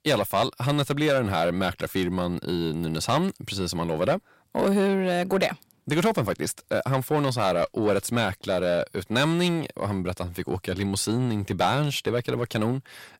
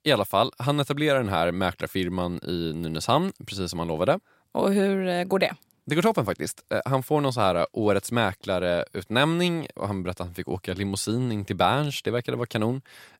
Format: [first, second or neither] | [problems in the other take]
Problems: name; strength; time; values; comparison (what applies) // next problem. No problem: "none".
second | distortion; slight; 10 dB below the speech